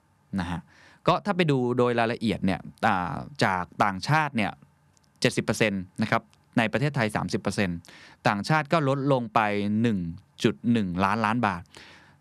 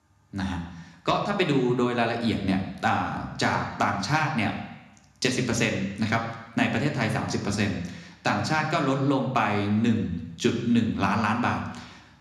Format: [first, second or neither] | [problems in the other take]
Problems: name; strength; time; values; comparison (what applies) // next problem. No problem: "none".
first | room echo; slight; dies away in 0.9 s